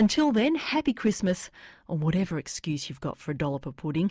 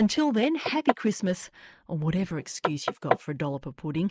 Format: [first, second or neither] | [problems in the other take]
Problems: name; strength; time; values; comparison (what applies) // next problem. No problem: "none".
first | noise reduction (neural mask model Resemble Enhance denoiser)